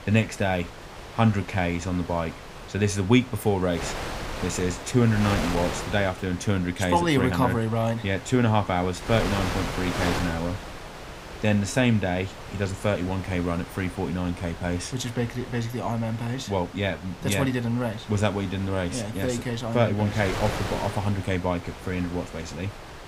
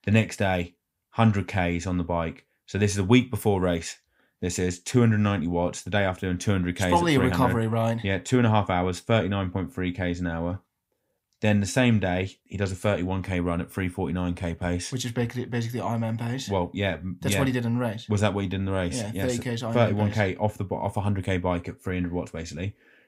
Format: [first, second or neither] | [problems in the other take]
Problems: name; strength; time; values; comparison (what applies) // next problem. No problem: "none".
second | wind noise on the microphone; heavy; 8 dB below the speech